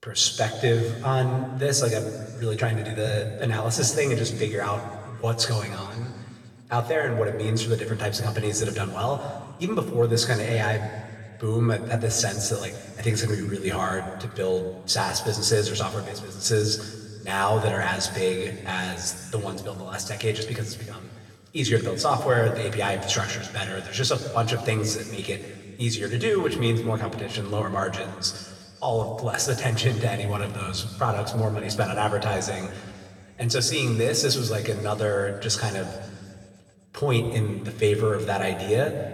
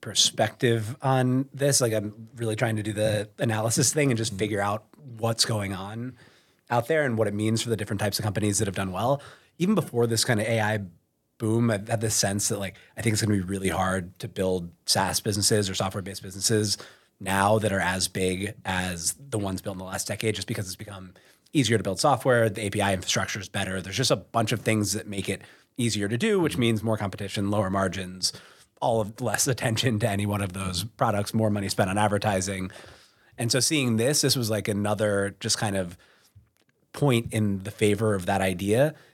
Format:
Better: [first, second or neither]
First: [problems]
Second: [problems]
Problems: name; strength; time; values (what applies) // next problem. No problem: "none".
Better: second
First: room echo; slight; dies away in 1.8 s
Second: none